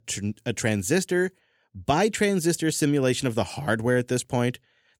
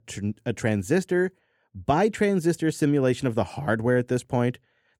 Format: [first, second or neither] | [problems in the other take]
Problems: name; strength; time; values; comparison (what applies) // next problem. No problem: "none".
first | muffled; slightly; fading above 2.5 kHz